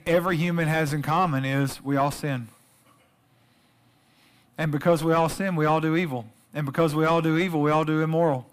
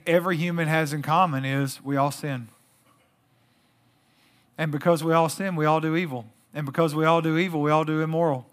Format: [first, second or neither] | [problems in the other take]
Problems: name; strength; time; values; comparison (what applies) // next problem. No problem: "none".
second | distortion; slight; 10 dB below the speech